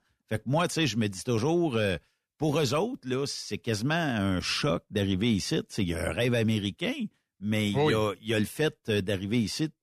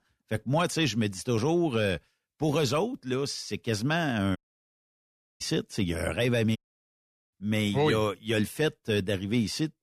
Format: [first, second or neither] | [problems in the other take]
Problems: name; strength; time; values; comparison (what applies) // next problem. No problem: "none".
first | audio cutting out; at 4.5 s for 1 s and at 6.5 s for 1 s